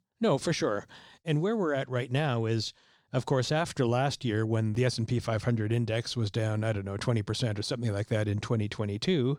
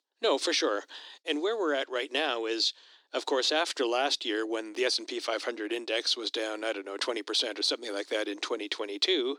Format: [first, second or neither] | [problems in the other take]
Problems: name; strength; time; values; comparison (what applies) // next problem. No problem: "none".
first | thin; very; fading below 300 Hz